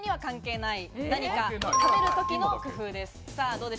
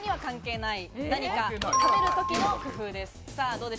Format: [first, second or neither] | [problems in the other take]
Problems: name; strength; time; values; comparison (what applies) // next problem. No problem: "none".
first | background sound (Gunshot, gunfire); 15 dB below the speech